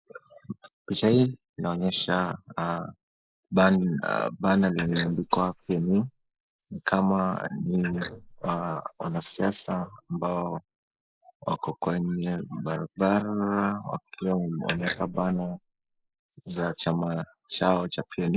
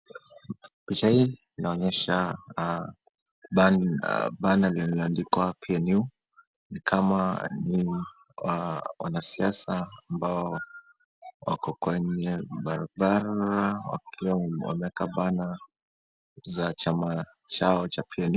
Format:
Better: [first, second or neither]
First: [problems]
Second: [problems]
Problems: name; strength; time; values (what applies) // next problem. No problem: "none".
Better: second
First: noise reduction (neural mask model Resemble Enhance denoiser)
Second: none